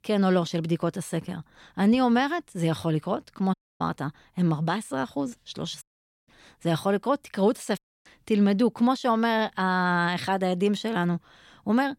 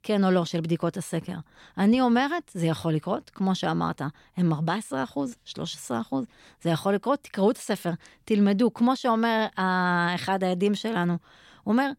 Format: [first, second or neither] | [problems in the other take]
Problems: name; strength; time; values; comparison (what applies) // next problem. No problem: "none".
second | audio cutting out; at 3.5 s, at 6 s and at 8 s